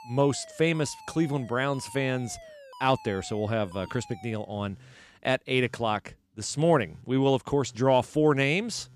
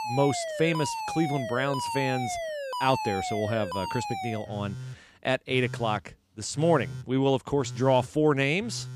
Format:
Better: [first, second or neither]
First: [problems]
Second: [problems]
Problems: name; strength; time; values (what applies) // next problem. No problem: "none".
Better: first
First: alarms or sirens; faint; throughout; 20 dB below the speech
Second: alarms or sirens; loud; throughout; 7 dB below the speech